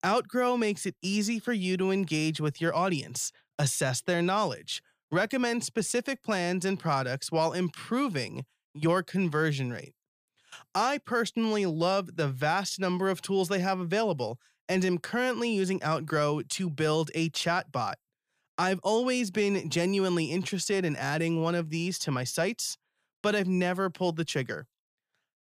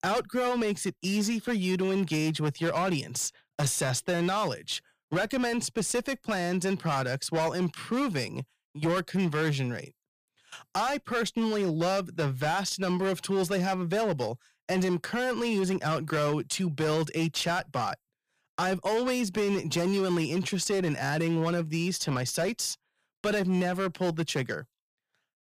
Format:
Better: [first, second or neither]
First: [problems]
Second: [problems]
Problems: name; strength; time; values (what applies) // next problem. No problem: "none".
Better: first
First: none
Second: distortion; slight; 13% of the sound clipped